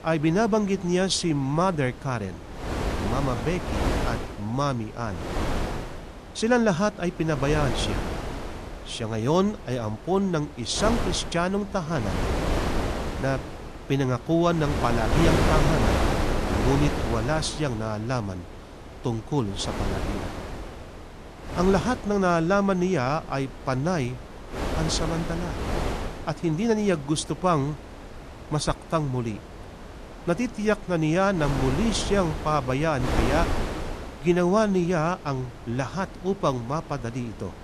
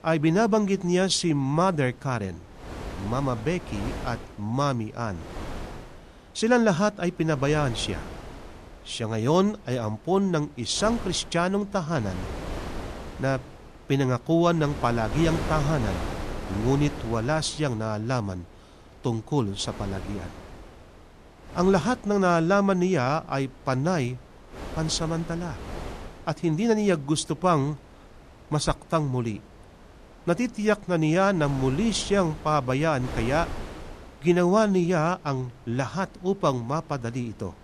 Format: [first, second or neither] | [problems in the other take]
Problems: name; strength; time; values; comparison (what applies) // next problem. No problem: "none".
second | wind noise on the microphone; heavy; 5 dB below the speech; occasional gusts in the second